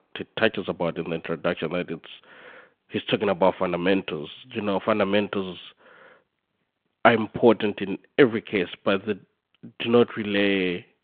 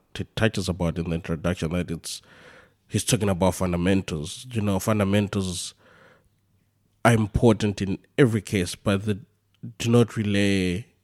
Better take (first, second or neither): second